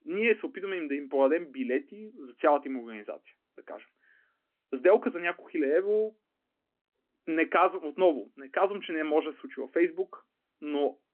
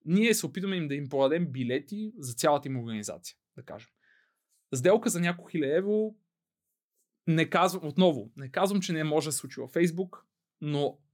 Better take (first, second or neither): second